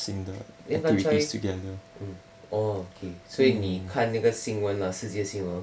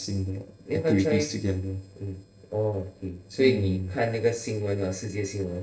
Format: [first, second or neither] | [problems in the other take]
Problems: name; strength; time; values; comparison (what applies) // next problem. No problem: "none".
first | noise reduction (neural separator model SepFormer DNS4)